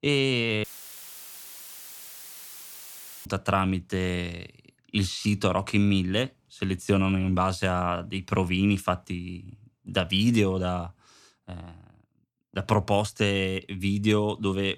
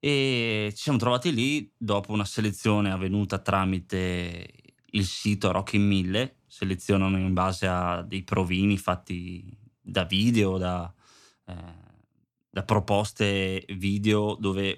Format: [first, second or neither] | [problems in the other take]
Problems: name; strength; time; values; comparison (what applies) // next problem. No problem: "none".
second | audio cutting out; filled with static; at 0.5 s for 2.5 s